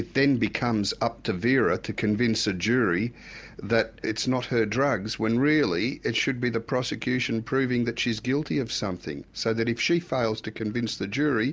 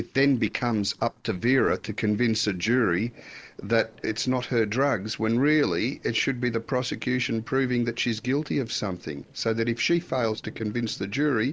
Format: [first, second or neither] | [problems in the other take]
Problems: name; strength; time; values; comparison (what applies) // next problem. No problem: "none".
first | noise reduction (neural separator model SepFormer DNS4)